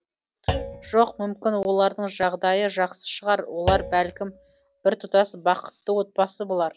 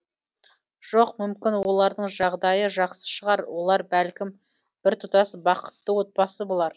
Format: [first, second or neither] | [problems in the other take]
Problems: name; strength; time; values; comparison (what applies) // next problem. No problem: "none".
second | background sound (Thump, thud); 10 dB below the speech